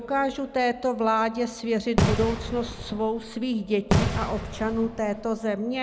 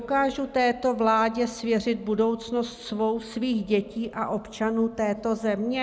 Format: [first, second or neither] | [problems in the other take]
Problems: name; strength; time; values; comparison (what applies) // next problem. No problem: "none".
second | background sound (Fireworks); 1 dB below the speech